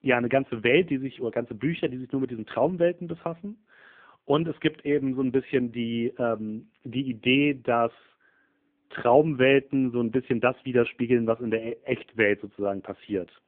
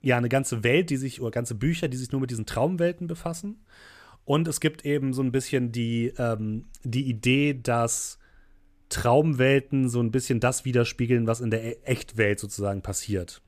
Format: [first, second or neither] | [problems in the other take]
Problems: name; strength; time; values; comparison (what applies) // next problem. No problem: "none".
second | phone-call audio; poor line; nothing above 3 kHz